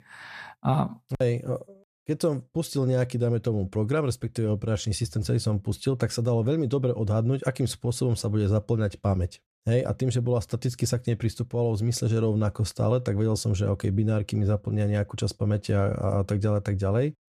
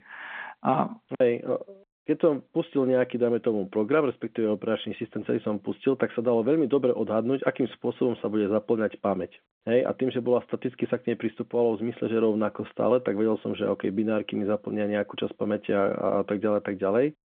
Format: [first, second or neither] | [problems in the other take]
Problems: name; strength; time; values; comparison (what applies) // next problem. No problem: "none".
first | phone-call audio